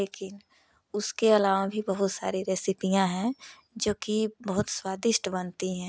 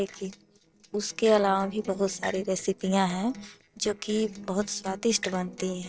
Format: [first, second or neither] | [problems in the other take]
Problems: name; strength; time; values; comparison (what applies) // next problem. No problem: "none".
first | noise reduction (neural separator model SepFormer DNS4)